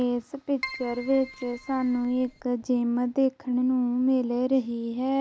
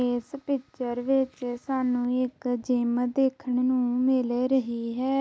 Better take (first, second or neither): second